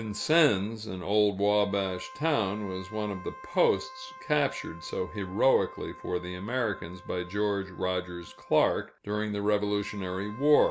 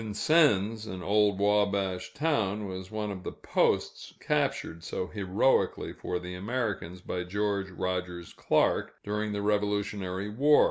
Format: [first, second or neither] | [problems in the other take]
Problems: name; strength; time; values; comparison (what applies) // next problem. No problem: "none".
second | background sound (Wind instrument, woodwind instrument); 19 dB below the speech